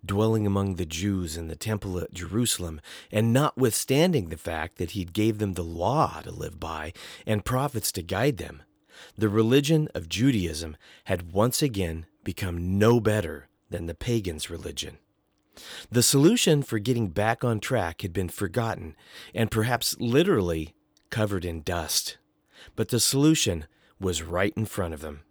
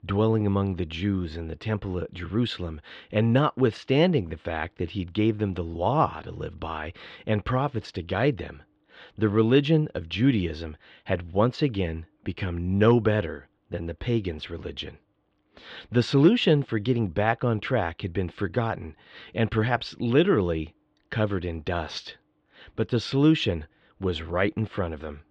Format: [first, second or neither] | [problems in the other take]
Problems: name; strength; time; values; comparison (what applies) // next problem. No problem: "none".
first | muffled; slightly; fading above 3.5 kHz